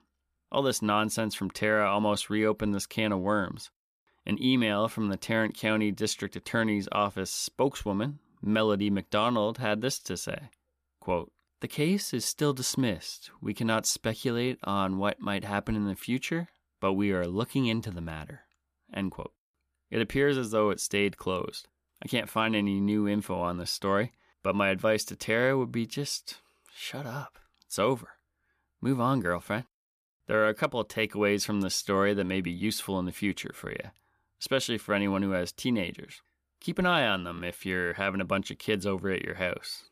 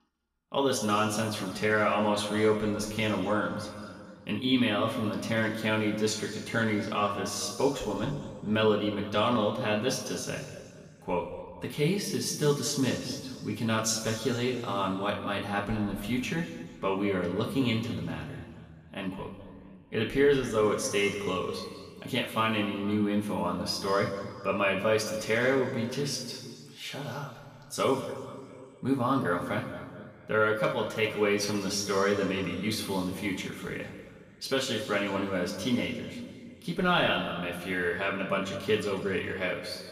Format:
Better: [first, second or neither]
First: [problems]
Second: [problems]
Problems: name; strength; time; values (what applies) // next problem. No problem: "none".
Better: first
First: none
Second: room echo; noticeable; dies away in 1.8 s // off-mic speech; far